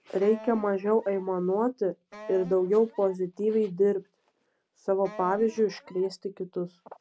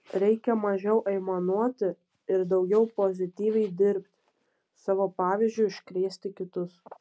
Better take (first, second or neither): second